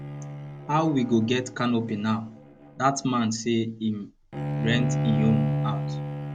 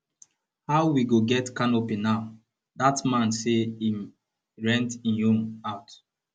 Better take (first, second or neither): second